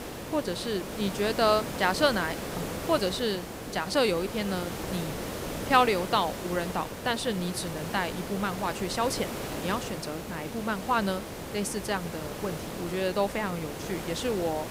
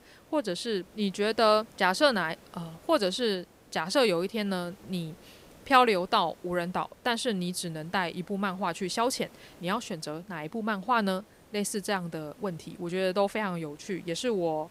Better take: second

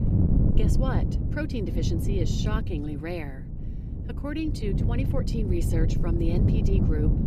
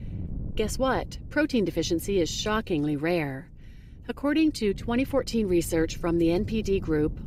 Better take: second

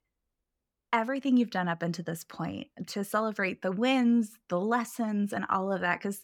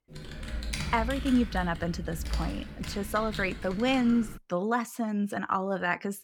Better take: first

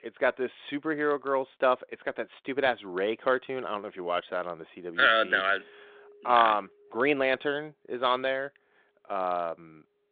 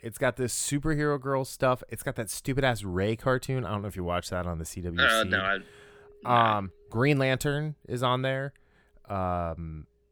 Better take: second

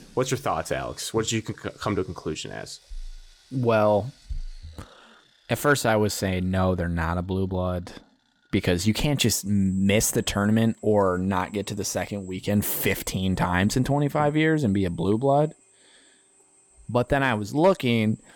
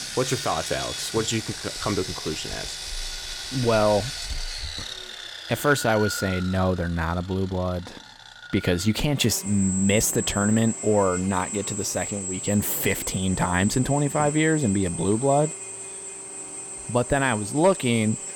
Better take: first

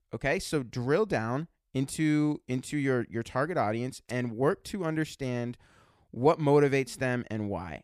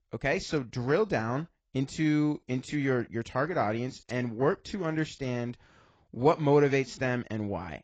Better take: first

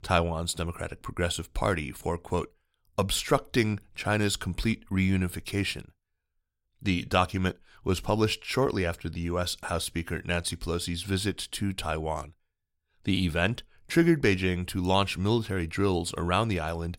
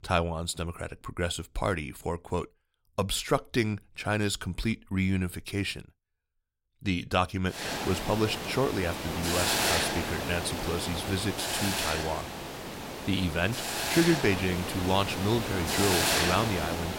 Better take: first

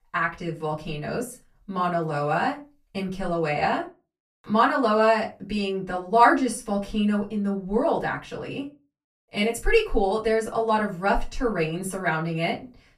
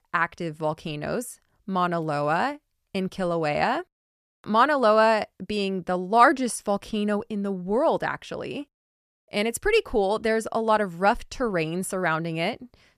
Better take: second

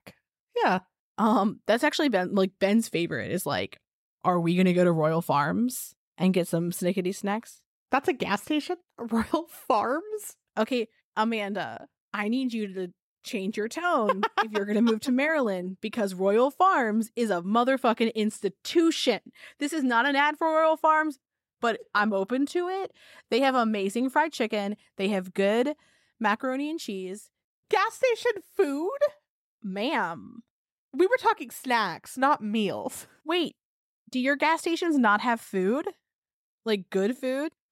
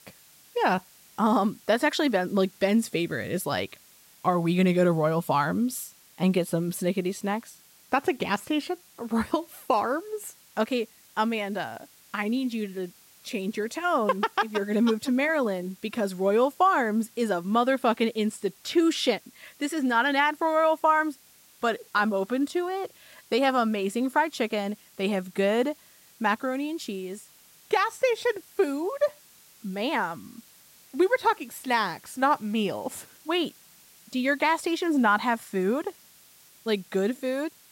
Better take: first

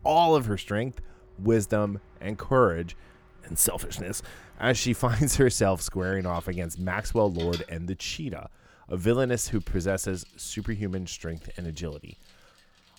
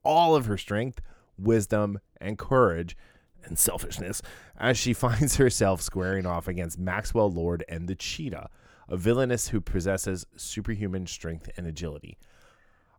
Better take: second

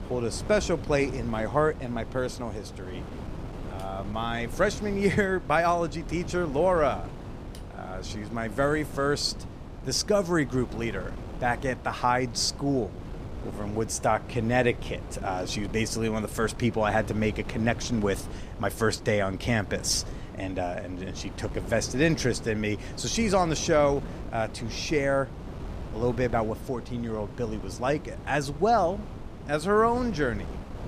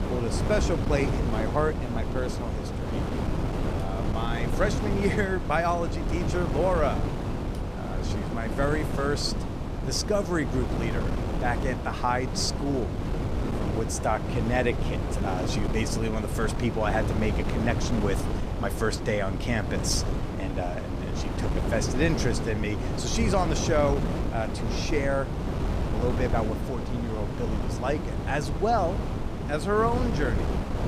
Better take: first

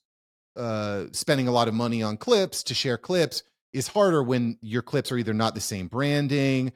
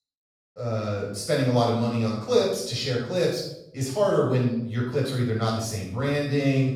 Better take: first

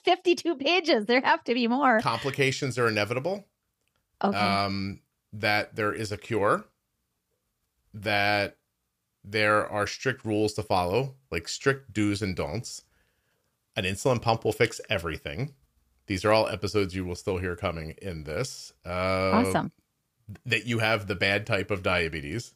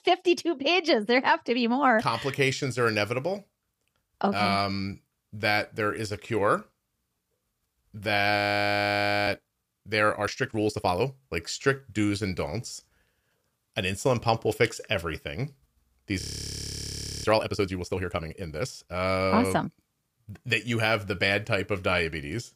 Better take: first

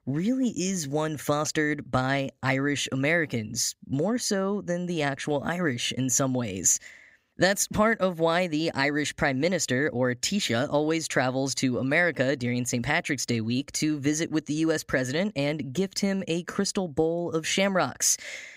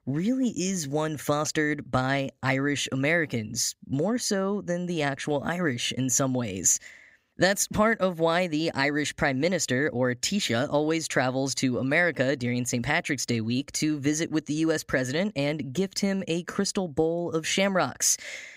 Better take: neither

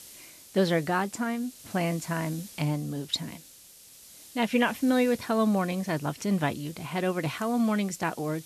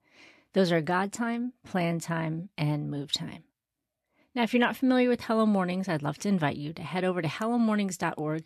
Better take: second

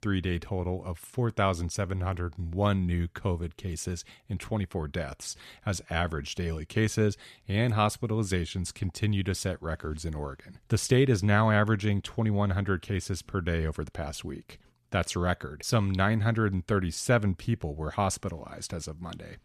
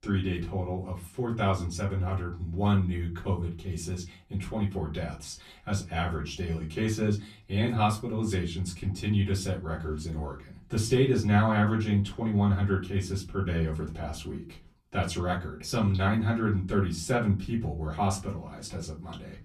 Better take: first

